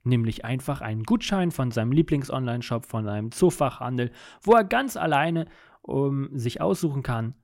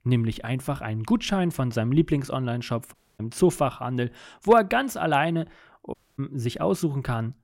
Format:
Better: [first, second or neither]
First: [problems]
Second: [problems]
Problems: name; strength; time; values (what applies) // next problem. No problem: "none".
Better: first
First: none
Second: audio cutting out; at 3 s and at 6 s